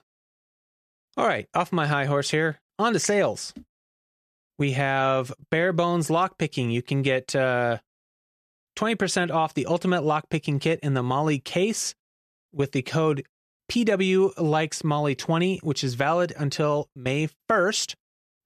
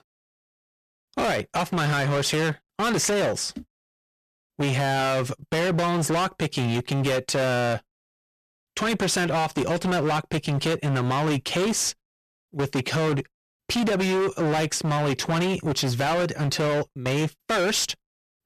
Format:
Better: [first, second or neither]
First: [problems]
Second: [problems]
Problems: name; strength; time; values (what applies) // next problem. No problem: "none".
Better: first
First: none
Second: distortion; heavy; 28% of the sound clipped